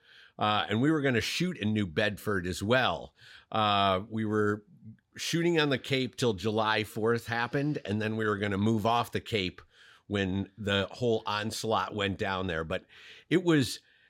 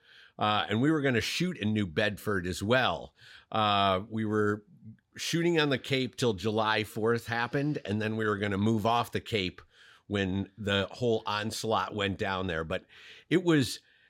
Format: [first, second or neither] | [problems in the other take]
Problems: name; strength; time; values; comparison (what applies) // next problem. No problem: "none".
neither | none